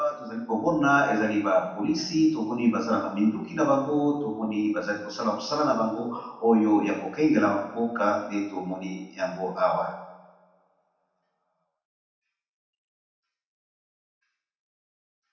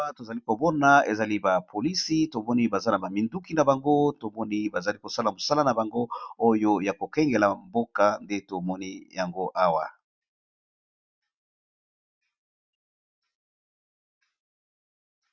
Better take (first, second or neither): second